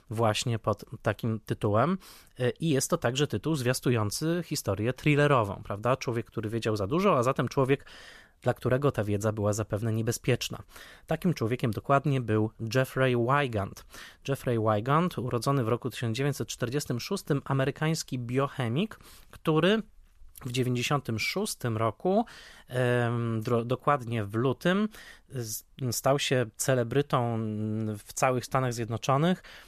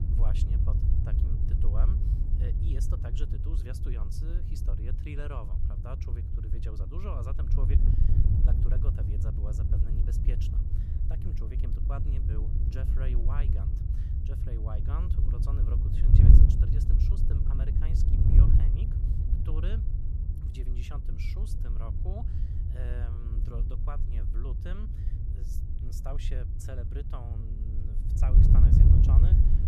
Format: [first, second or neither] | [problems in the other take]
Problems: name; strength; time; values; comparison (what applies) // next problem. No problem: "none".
first | wind noise on the microphone; heavy; 3 dB above the speech